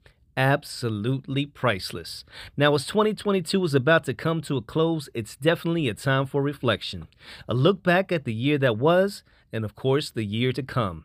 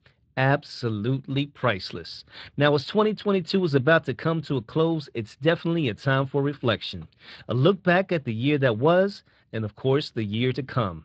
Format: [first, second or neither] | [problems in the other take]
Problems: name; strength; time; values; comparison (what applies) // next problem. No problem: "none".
first | garbled, watery; slightly; nothing above 7.5 kHz